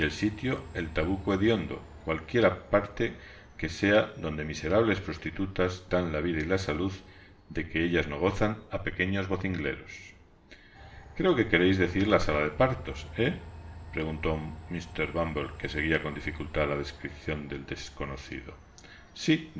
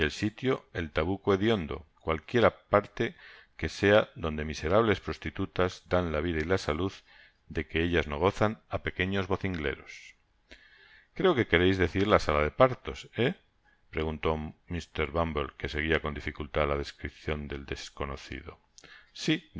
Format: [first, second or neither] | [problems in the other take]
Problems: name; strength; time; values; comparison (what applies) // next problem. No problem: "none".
second | background sound (Train); 18 dB below the speech // room echo; dies away in 1.3 s